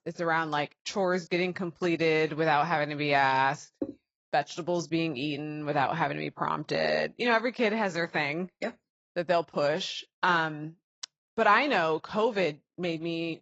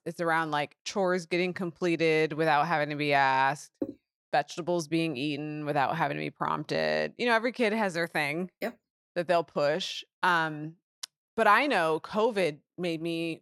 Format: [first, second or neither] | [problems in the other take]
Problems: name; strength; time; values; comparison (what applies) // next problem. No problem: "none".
second | garbled, watery; badly; nothing above 7.5 kHz